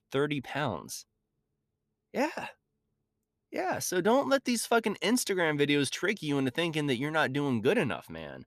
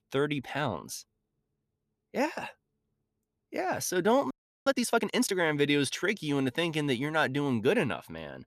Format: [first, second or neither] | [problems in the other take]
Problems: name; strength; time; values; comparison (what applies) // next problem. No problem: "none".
first | audio freezing; at 4.5 s